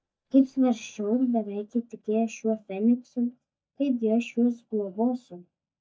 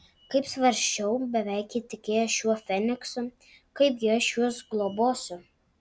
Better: second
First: noise reduction (neural mask model DeepFilterNet 3)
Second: none

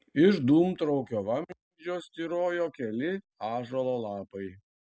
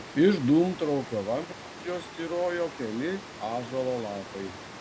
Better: first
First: none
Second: background sound (Water); 14 dB below the speech

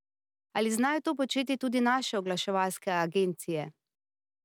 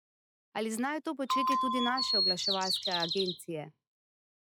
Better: first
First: none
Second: noise reduction (classical method log-MMSE)

